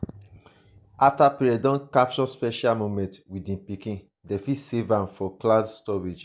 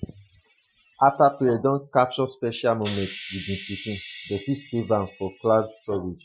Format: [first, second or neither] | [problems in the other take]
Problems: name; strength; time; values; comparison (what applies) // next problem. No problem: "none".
first | noise reduction (classical method Wiener filter)